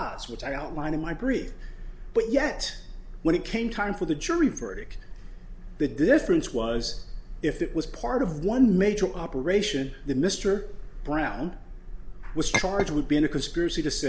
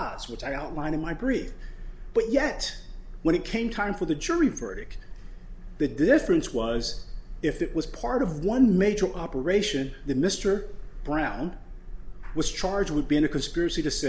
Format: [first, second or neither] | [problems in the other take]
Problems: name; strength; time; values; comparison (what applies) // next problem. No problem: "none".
second | background sound (Chink, clink); 5 dB below the speech